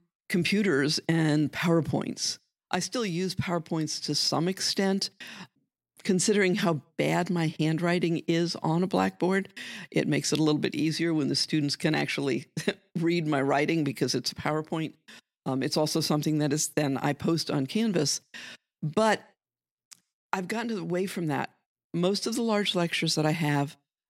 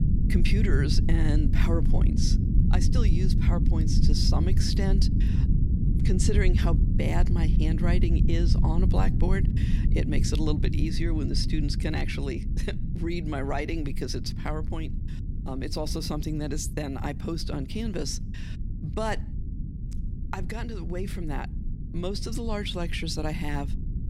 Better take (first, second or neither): first